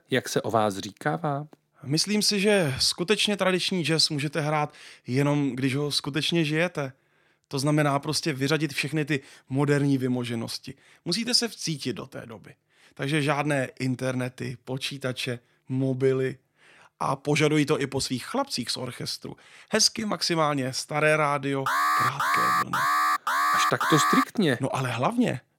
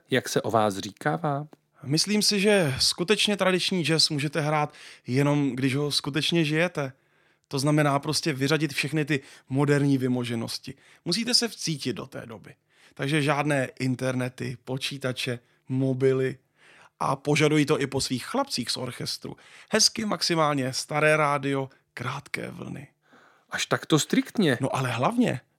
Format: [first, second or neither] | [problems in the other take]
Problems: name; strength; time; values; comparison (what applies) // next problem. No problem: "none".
second | alarm; loud; from 22 to 24 s; peak 4 dB above the speech